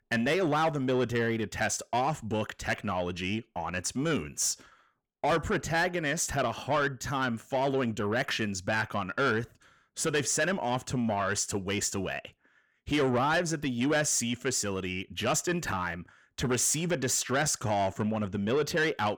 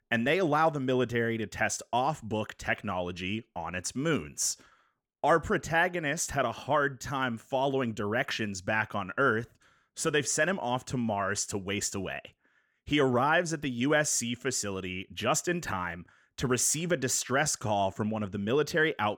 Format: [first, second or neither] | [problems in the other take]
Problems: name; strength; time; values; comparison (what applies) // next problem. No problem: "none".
second | distortion; slight; 10 dB below the speech